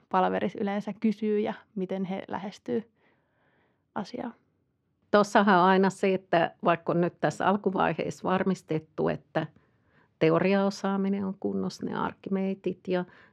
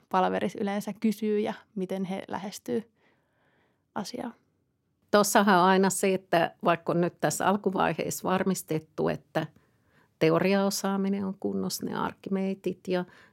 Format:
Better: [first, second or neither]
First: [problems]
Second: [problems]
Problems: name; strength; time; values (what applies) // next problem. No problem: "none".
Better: second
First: muffled; slightly; fading above 3.5 kHz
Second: none